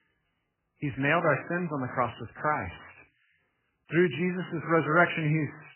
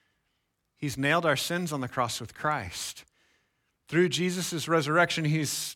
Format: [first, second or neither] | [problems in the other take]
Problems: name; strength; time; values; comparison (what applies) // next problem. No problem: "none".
second | garbled, watery; badly; nothing above 3 kHz